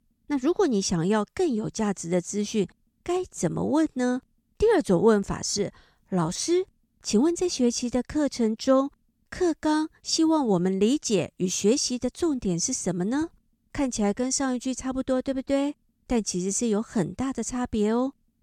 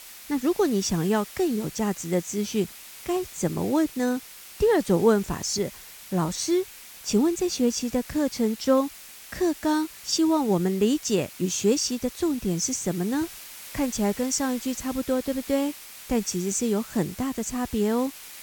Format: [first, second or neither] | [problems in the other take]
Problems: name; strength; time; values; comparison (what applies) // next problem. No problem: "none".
first | hiss; noticeable; throughout; 15 dB below the speech